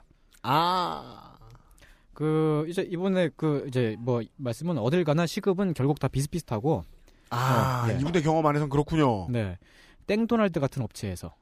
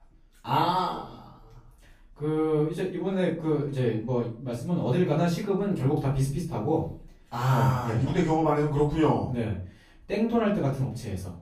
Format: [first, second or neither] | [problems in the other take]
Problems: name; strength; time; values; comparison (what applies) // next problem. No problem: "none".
first | off-mic speech; far // room echo; noticeable; dies away in 0.4 s